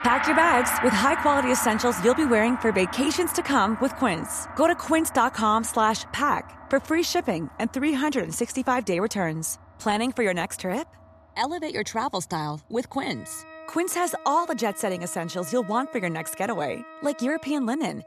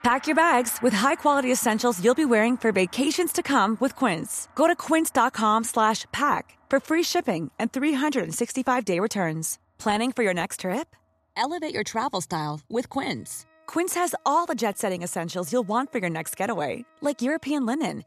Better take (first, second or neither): second